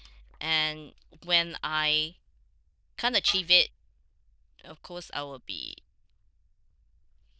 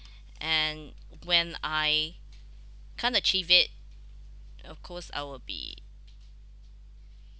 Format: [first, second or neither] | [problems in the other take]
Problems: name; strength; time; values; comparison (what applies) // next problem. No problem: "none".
second | noise reduction (neural diffusion model UNIVERSE++)